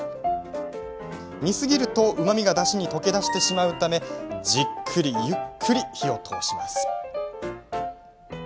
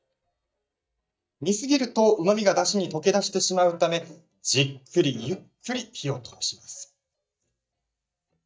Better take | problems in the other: first | noise reduction (neural mask model DeepFilterNet 3)

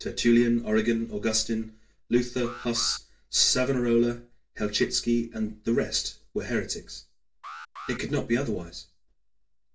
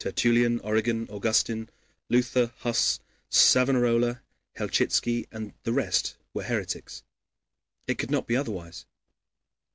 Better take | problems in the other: second | background sound (Alarm); 18 dB below the speech // room echo; dies away in 0.2 s

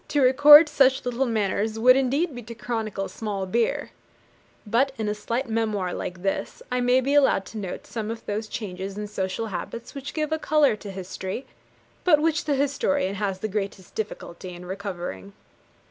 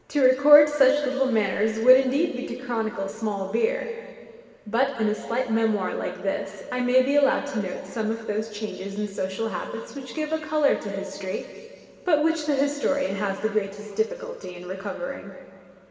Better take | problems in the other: first | room echo; dies away in 2.4 s

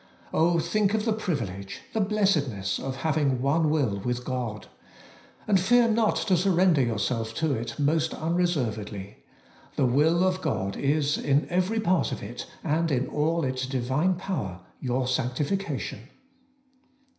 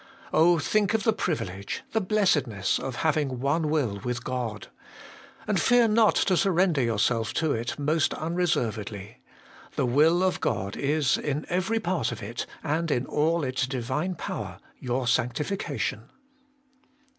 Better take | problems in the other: second | room echo; dies away in 0.5 s

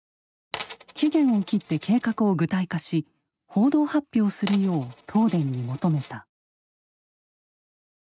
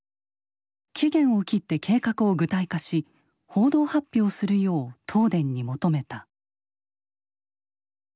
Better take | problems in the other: second | noise reduction (neural mask model RNNoise)

